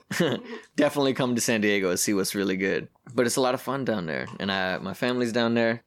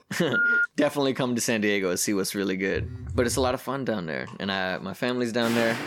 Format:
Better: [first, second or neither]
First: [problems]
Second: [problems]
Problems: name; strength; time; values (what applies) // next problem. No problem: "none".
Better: first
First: none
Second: phone ringing; loud; at 0.5 s; peak 5 dB above the speech // phone ringing; noticeable; at 3 s; peak 8 dB below the speech // footsteps; noticeable; at 5.5 s; peak 4 dB below the speech